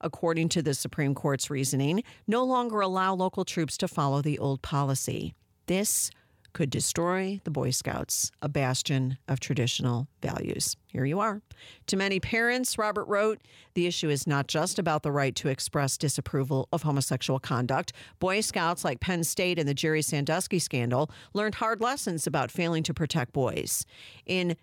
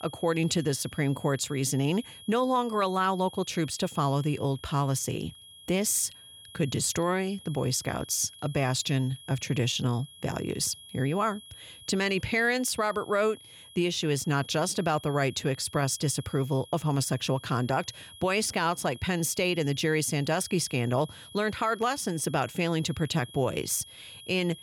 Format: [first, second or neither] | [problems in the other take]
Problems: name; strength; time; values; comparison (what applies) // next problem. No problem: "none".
first | high-pitched whine; noticeable; throughout; 3.5 kHz, 20 dB below the speech